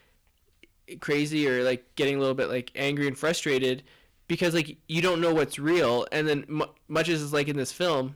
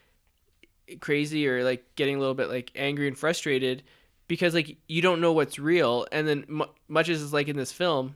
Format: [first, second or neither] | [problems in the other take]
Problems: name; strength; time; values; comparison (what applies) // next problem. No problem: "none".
second | distortion; slight; 8% of the sound clipped